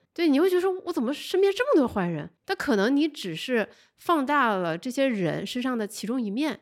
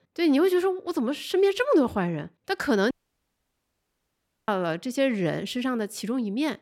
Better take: first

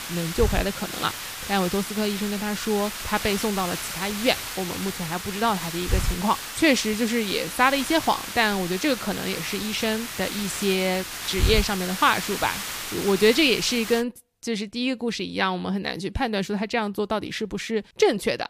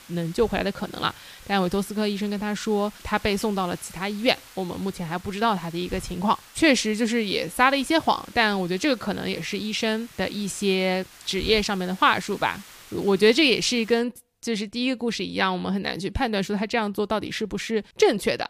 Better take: second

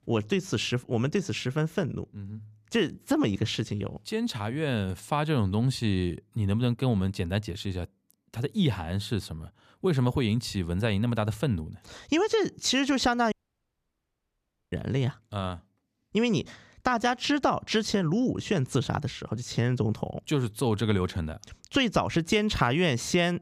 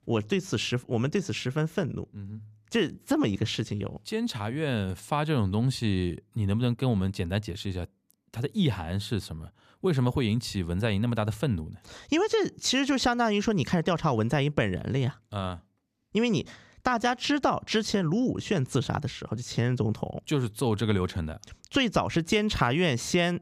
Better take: second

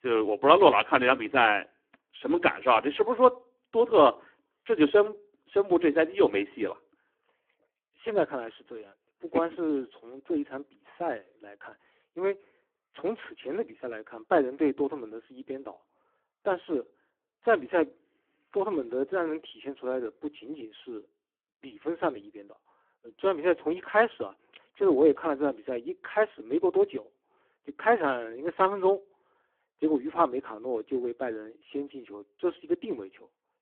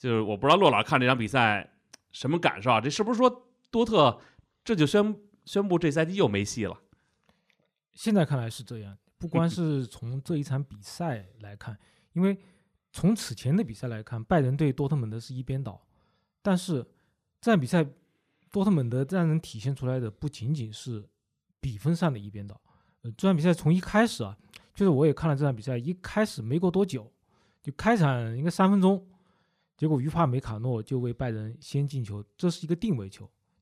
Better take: second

